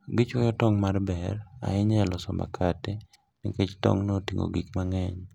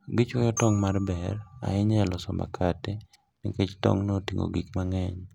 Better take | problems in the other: first | background sound (Glockenspiel); 18 dB below the speech

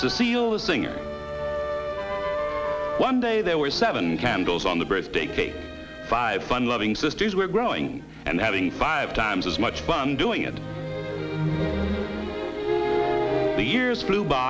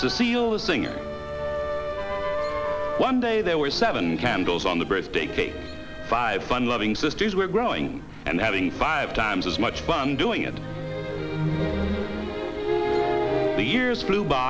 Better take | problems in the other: first | background sound (Chirp, tweet); 16 dB below the speech

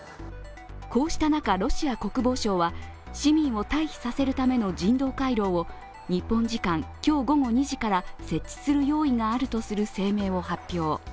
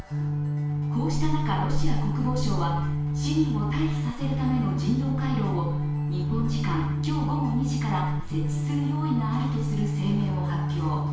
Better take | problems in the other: first | background sound (Organ); 2 dB above the speech // room echo; dies away in 0.7 s

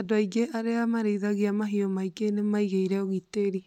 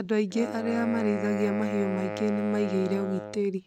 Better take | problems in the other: first | background sound (Wind instrument, woodwind instrument); 7 dB below the speech

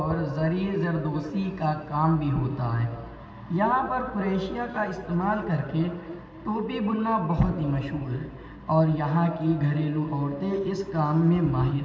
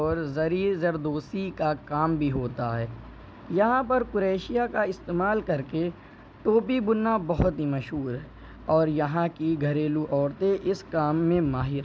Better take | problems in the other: second | room echo; dies away in 2.5 s

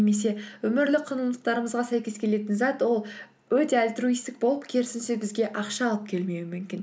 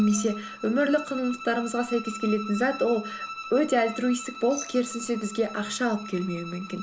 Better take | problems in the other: first | background sound (Bowed string instrument + Glass); 12 dB below the speech

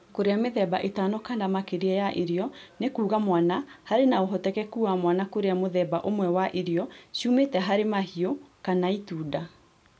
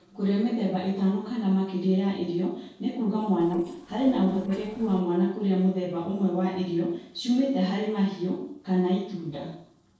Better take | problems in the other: first | noise reduction (neural separator model SepFormer DNS4)

